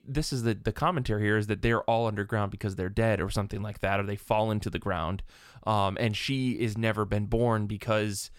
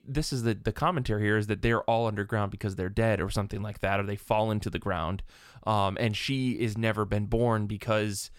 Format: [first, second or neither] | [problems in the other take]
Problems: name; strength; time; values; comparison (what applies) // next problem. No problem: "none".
neither | none